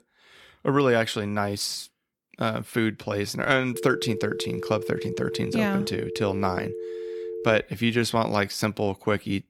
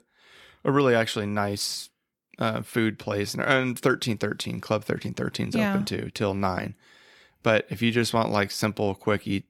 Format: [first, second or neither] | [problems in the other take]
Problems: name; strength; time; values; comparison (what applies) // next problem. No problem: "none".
second | phone ringing; noticeable; from 3.5 to 7.5 s; peak 7 dB below the speech